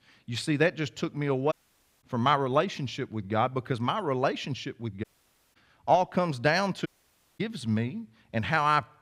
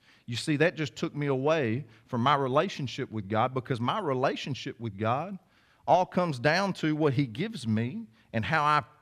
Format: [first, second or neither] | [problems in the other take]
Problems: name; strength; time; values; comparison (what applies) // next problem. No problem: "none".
second | audio cutting out; at 1.5 s for 0.5 s, at 5 s for 0.5 s and at 7 s for 0.5 s